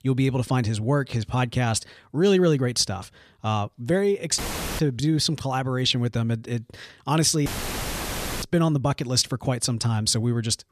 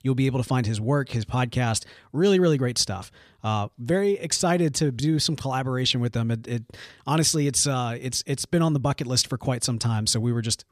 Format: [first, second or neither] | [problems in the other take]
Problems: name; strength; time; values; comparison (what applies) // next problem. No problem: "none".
second | audio cutting out; filled with static; at 4.5 s and at 7.5 s for 1 s